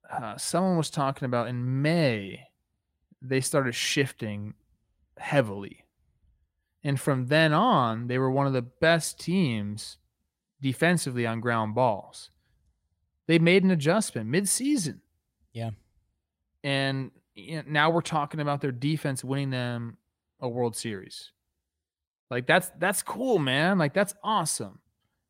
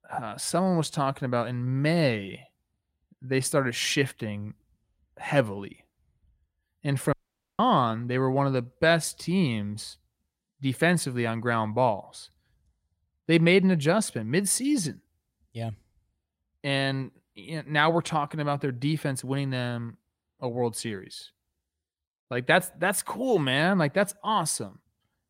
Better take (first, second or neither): first